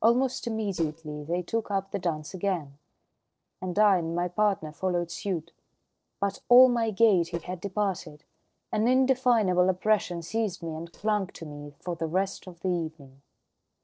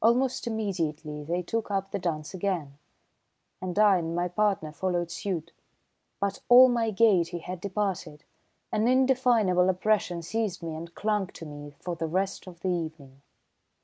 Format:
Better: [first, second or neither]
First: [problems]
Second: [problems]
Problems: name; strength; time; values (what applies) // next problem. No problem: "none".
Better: second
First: noise reduction (neural separator model SepFormer DNS4)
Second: none